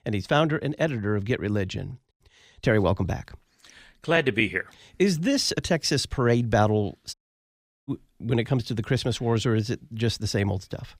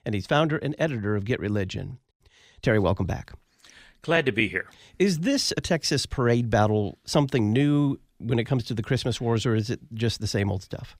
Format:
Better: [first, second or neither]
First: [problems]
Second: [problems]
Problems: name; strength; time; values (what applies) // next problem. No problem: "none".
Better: second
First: audio cutting out; at 7 s for 0.5 s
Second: none